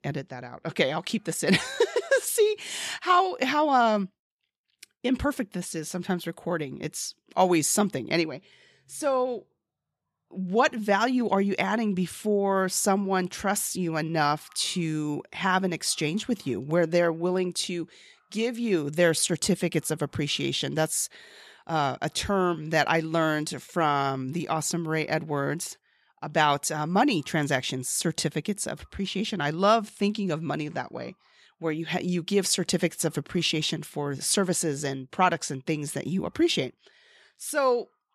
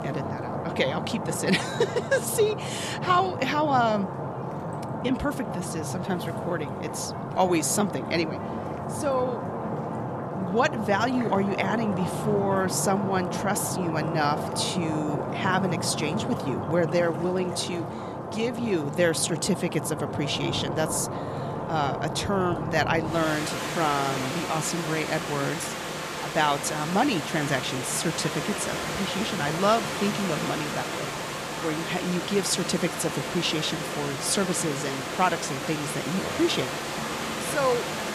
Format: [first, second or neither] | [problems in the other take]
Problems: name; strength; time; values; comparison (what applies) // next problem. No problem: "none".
first | rain or running water; loud; throughout; 4 dB below the speech